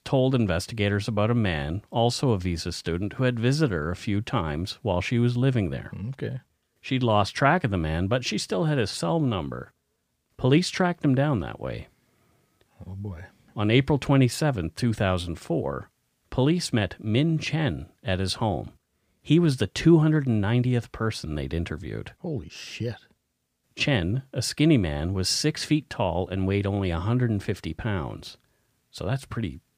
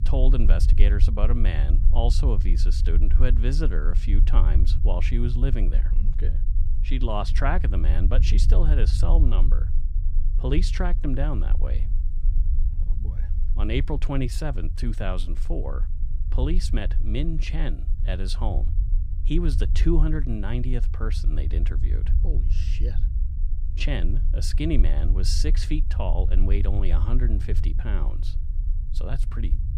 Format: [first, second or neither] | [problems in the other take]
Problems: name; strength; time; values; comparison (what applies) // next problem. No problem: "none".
first | low rumble; noticeable; throughout; 10 dB below the speech